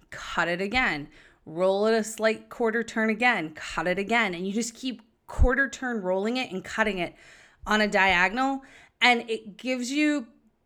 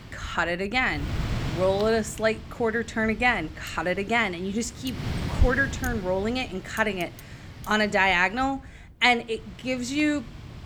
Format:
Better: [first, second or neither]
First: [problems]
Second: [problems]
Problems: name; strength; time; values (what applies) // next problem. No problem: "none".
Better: first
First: none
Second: wind noise on the microphone; occasional gusts; 15 dB below the speech